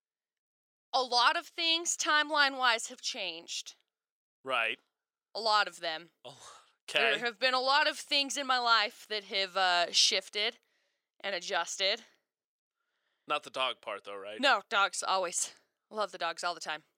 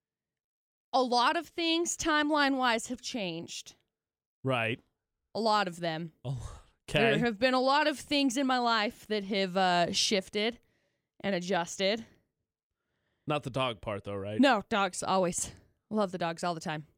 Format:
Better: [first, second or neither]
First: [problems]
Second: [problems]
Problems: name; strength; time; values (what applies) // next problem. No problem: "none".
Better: second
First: thin; very; fading below 550 Hz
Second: none